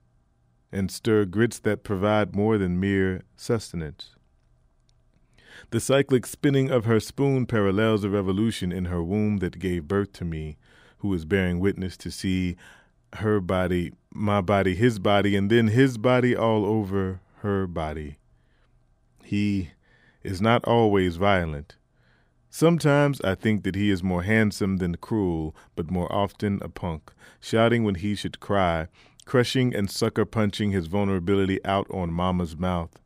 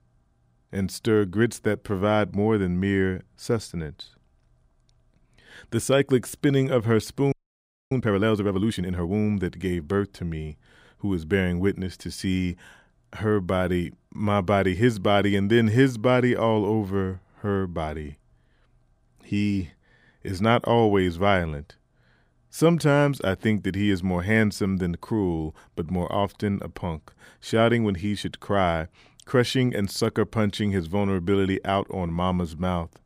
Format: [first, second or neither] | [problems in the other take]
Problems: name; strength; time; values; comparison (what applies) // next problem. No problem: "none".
first | audio freezing; at 7.5 s for 0.5 s